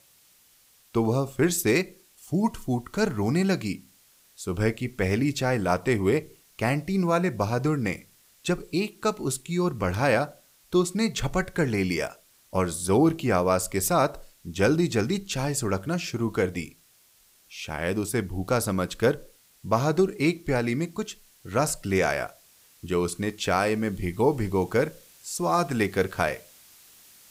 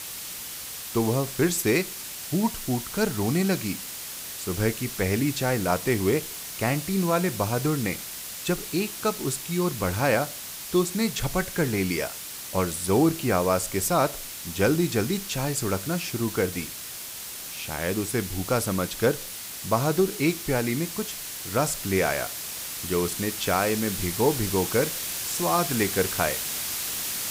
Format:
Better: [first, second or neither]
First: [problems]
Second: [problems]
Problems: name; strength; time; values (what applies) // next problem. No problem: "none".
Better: first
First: hiss; faint; throughout; 30 dB below the speech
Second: hiss; loud; throughout; 6 dB below the speech